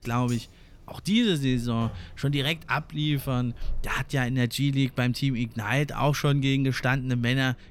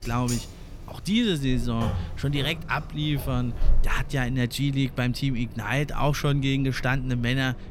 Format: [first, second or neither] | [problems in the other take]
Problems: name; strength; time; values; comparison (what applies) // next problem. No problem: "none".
first | wind in the background; loud; throughout; 10 dB below the speech; faint in the first